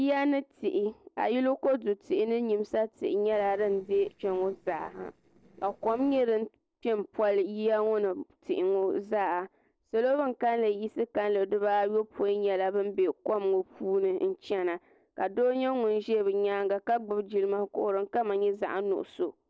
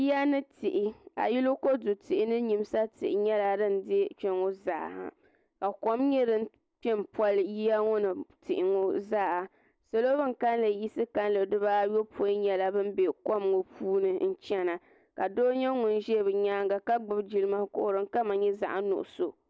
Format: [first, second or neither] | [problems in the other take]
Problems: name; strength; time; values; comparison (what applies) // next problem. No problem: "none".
second | noise reduction (neural separator model SepFormer DNS4)